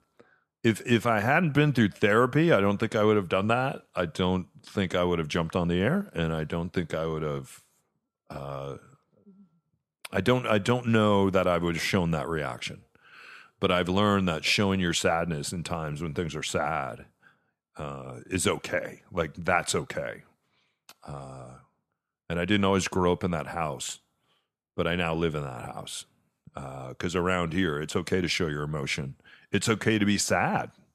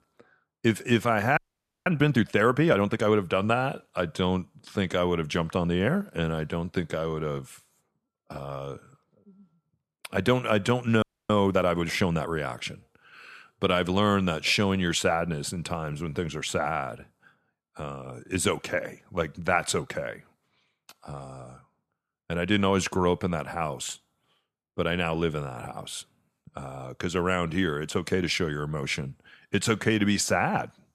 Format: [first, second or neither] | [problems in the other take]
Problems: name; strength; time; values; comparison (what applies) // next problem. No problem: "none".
first | audio freezing; at 1.5 s and at 11 s